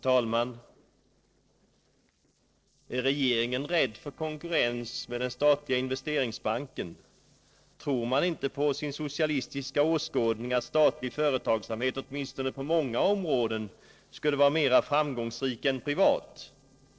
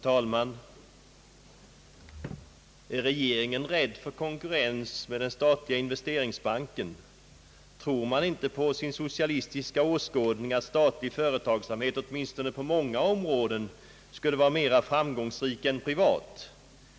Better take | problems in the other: second | noise reduction (neural separator model SepFormer DNS4)

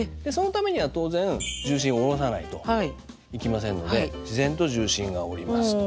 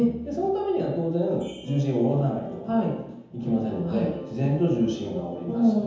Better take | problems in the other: first | room echo; dies away in 0.9 s

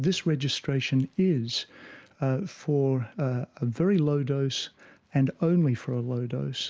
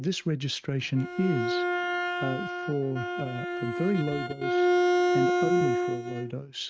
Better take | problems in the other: first | noise reduction (neural mask model RNNoise)

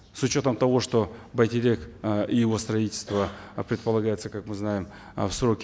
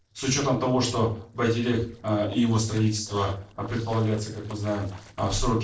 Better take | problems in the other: first | noise reduction (neural separator model SepFormer DNS4)

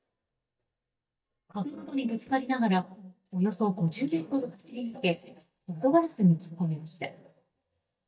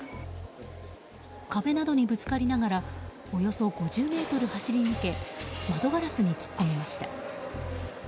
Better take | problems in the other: second | noise reduction (neural mask model DeepFilterNet 3)

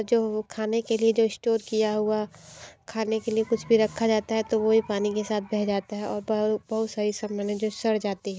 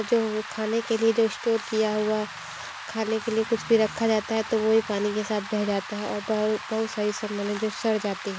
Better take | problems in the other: first | background sound (Rain); 12 dB below the speech

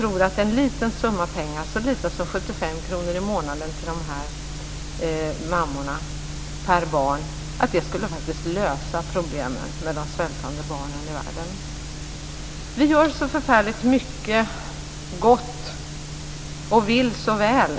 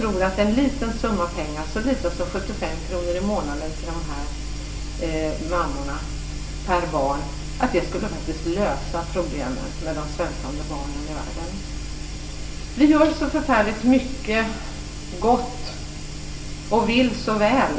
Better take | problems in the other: first | room echo; dies away in 0.5 s

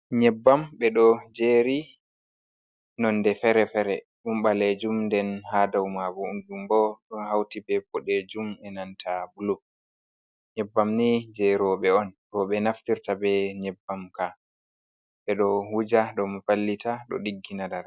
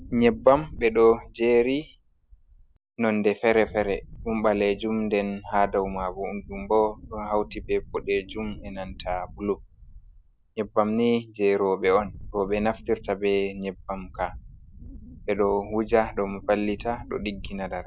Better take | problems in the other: first | background sound (Wind); 17 dB below the speech

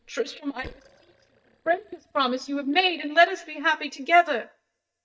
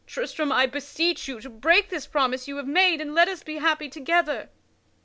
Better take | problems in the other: second | noise reduction (neural mask model DeepFilterNet 3)

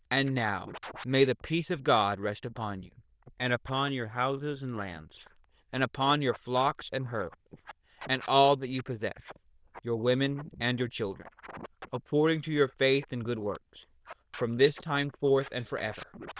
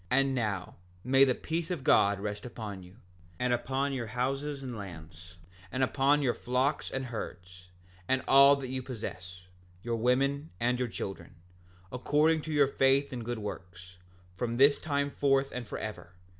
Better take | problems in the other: second | noise reduction (neural diffusion model UNIVERSE++)

